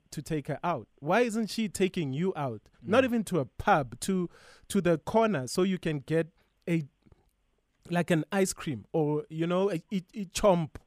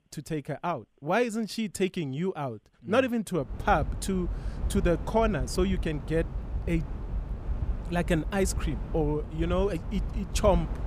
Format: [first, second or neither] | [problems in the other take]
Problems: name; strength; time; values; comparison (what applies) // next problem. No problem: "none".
first | wind noise on the microphone; occasional gusts; from 3.5 s on; 15 dB below the speech